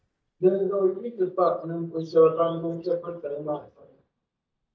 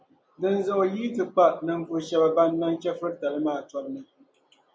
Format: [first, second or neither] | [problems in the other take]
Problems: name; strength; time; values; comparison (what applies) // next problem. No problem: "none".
second | noise reduction (neural mask model DeepFilterNet 3)